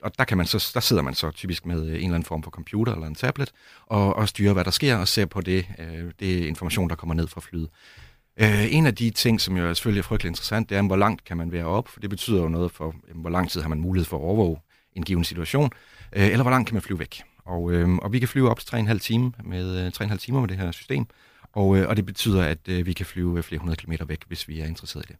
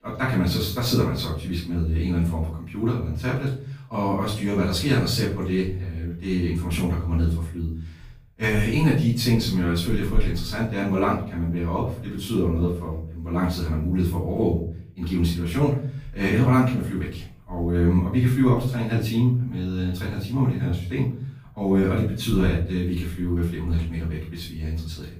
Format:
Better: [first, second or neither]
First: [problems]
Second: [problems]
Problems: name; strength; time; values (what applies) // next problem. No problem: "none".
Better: first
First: none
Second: off-mic speech; far // room echo; noticeable; dies away in 0.6 s